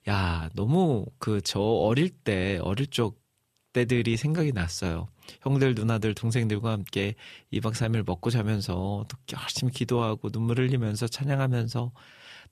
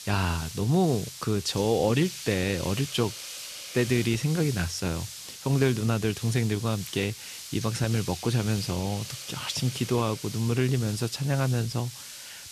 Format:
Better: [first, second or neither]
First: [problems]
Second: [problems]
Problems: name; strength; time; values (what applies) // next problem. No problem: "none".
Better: first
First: none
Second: hiss; noticeable; throughout; 10 dB below the speech